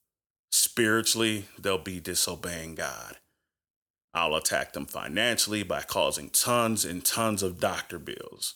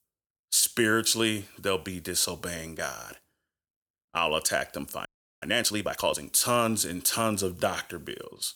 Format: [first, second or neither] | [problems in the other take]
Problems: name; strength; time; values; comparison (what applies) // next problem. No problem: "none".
first | audio freezing; at 5 s